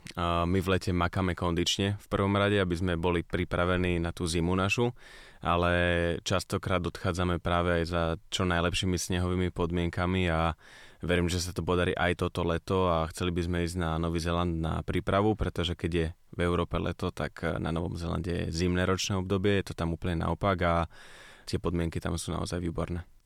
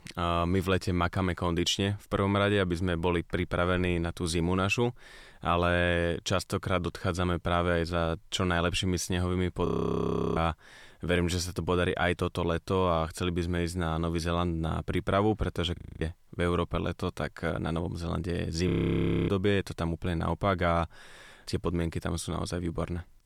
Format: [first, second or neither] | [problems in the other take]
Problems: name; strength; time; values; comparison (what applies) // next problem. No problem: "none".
first | audio freezing; at 9.5 s for 0.5 s, at 16 s and at 19 s for 0.5 s